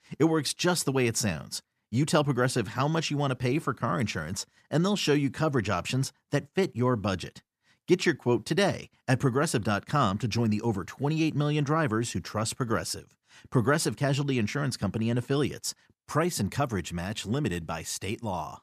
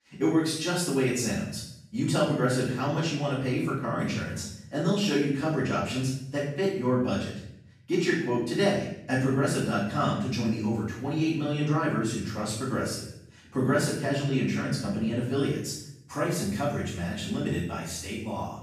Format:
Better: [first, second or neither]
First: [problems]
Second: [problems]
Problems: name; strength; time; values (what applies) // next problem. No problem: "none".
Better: first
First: none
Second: off-mic speech; far // room echo; noticeable; dies away in 0.7 s